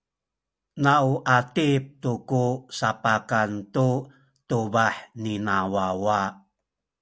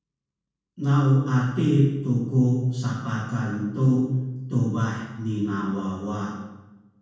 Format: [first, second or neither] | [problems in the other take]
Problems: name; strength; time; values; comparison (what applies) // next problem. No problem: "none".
first | room echo; dies away in 1.2 s